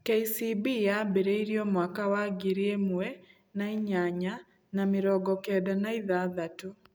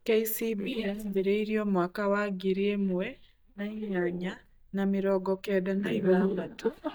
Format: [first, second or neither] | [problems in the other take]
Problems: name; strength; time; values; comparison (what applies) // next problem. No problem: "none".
first | noise reduction (neural mask model DeepFilterNet 3)